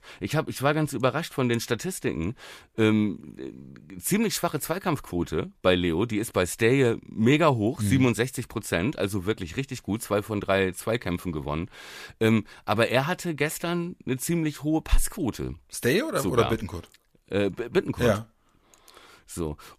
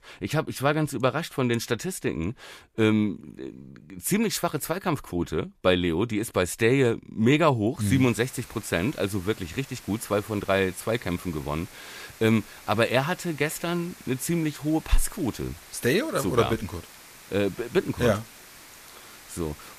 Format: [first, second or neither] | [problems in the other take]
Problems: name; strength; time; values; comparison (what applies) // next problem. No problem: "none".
first | hiss; noticeable; from 8 s on; 20 dB below the speech